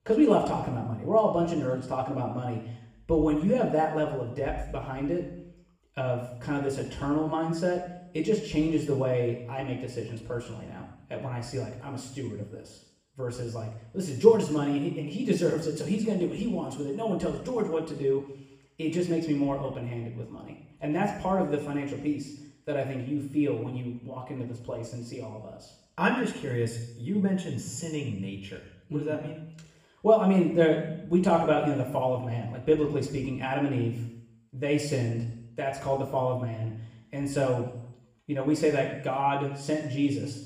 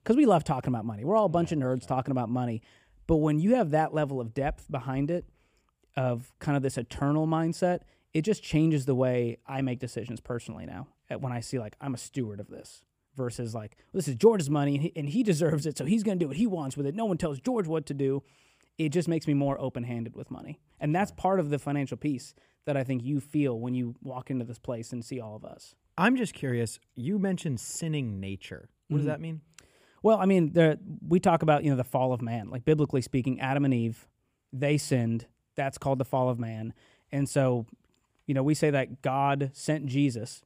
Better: second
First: room echo; noticeable; dies away in 0.8 s // off-mic speech; far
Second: none

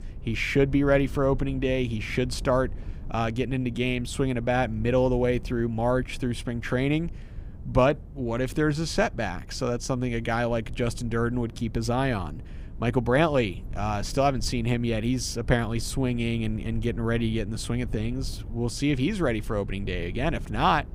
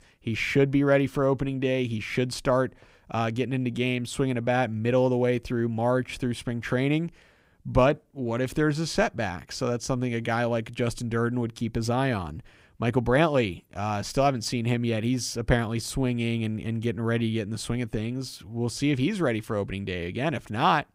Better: second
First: low rumble; faint; throughout; 25 dB below the speech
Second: none

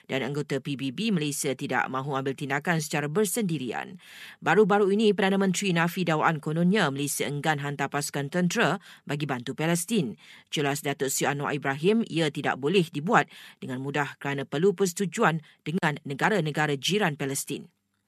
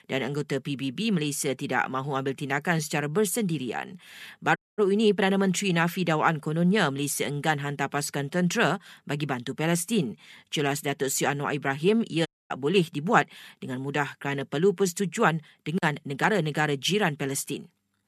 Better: first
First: none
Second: audio cutting out; at 4.5 s and at 12 s

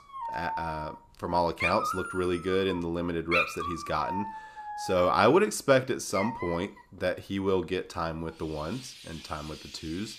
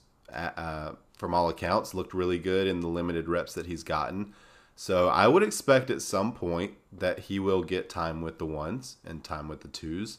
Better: second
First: animal sounds; loud; throughout; 6 dB below the speech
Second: none

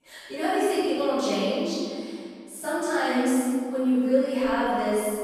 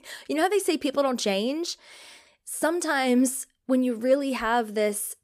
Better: second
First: room echo; strong; dies away in 2.2 s // off-mic speech; far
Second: none

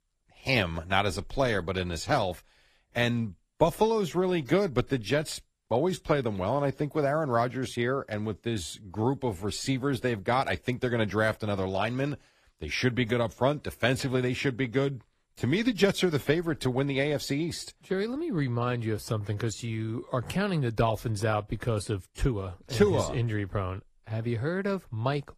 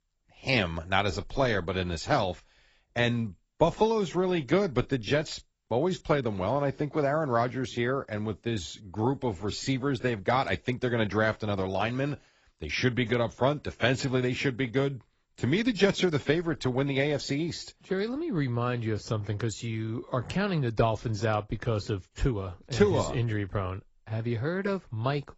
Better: first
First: garbled, watery; slightly; nothing above 15 kHz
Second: garbled, watery; badly; nothing above 7.5 kHz

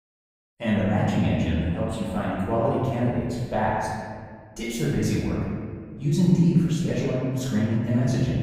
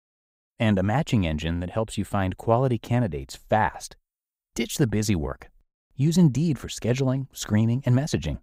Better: second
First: room echo; strong; dies away in 1.8 s // off-mic speech; far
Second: none

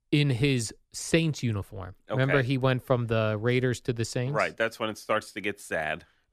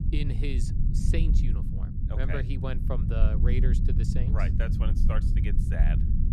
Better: first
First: none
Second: low rumble; loud; throughout; 3 dB below the speech

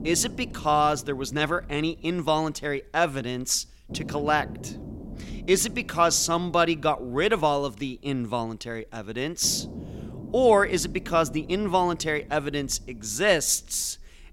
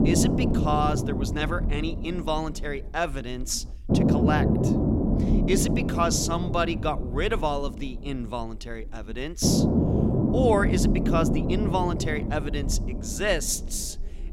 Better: first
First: low rumble; faint; throughout; 20 dB below the speech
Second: low rumble; loud; throughout; 3 dB below the speech

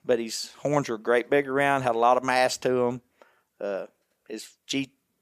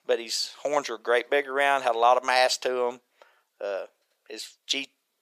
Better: first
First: none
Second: thin; somewhat; fading below 550 Hz

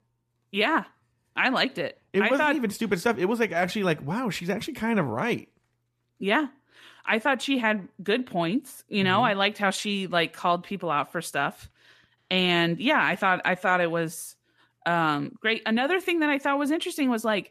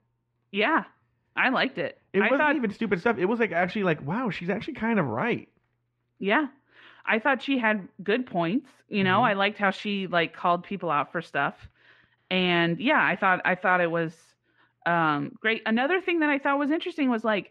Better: first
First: none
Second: muffled; slightly; fading above 2.5 kHz

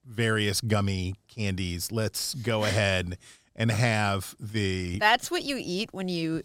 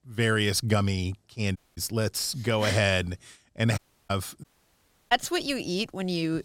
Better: first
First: none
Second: audio cutting out; at 1.5 s, at 4 s and at 4.5 s for 0.5 s

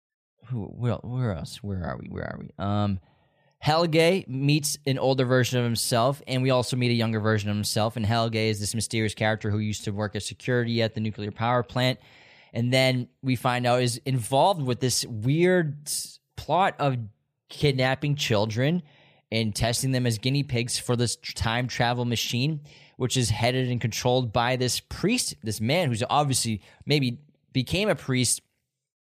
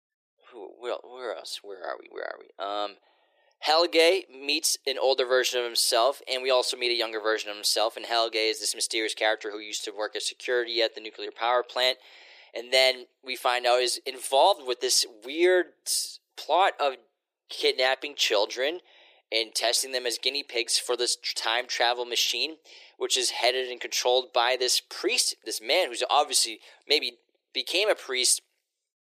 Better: first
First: none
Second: thin; very; fading below 350 Hz

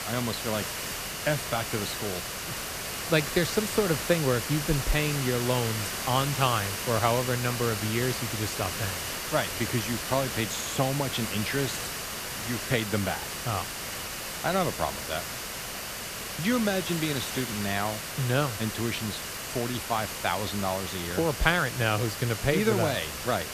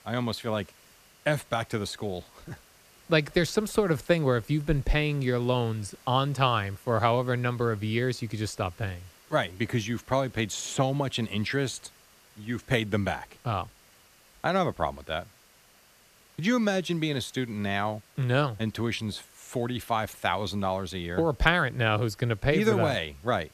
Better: second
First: hiss; loud; throughout; 3 dB below the speech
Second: hiss; faint; throughout; 25 dB below the speech

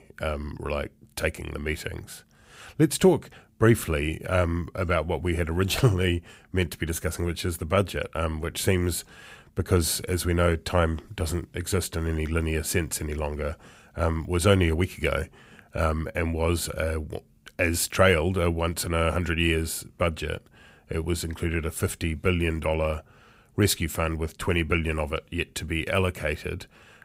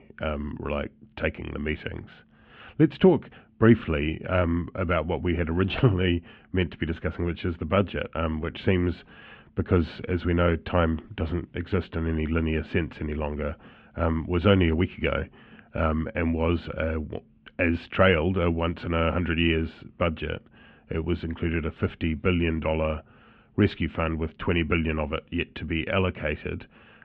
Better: first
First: none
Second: muffled; very; fading above 3 kHz

